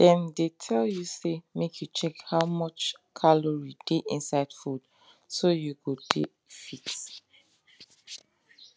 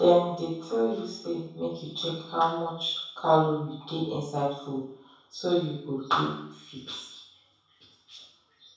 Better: first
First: none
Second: room echo; dies away in 0.7 s

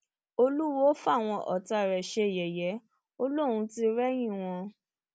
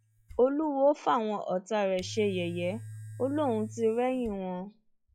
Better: first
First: none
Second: noise reduction (classical method log-MMSE)

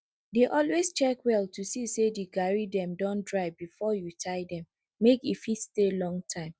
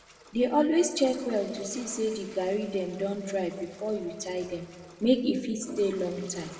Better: first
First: none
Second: background sound (Toilet flush); 19 dB below the speech // room echo; dies away in 1.4 s

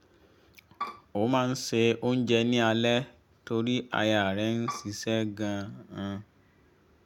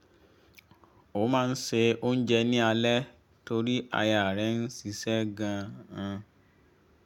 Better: second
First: background sound (Bowed string instrument); 9 dB below the speech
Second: none

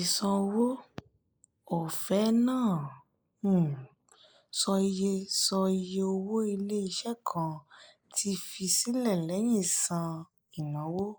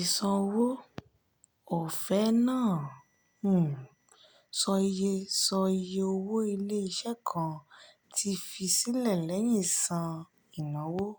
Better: second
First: noise reduction (neural mask model Resemble Enhance denoiser)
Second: none

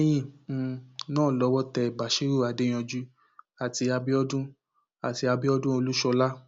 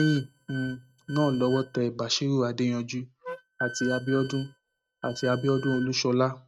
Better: first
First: none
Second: noise reduction (neural mask model RNNoise)

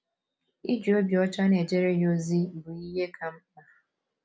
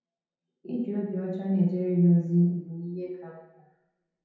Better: first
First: none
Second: room echo; dies away in 0.9 s

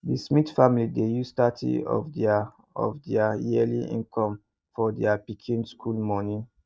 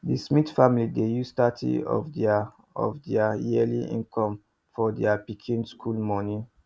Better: second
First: noise reduction (neural mask model DeepFilterNet 3)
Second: none

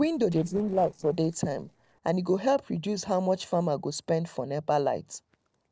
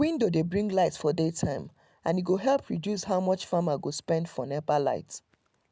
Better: second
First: noise reduction (neural separator model SepFormer DNS4)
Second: none

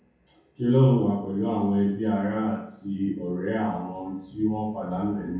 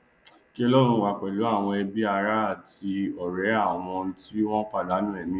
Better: second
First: room echo; dies away in 0.5 s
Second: none

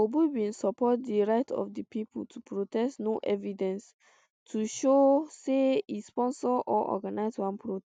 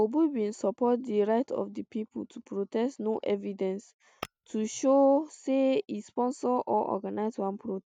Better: first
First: none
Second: noise reduction (neural mask model RNNoise)

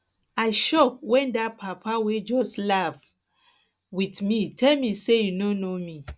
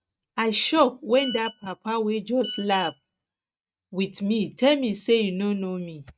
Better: first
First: none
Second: noise reduction (neural mask model RNNoise)

